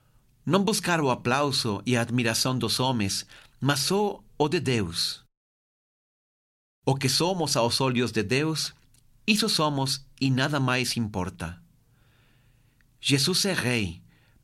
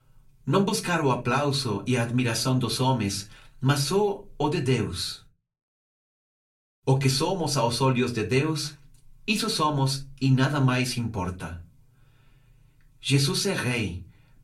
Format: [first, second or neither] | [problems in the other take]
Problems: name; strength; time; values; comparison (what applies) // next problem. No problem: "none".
first | off-mic speech; far // room echo; very slight; dies away in 0.3 s